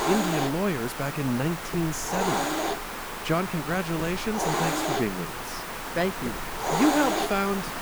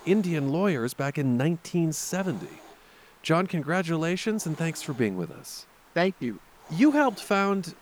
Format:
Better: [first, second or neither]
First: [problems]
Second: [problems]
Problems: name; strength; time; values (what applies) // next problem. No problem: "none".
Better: second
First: hiss; loud; throughout; 1 dB below the speech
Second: hiss; faint; throughout; 25 dB below the speech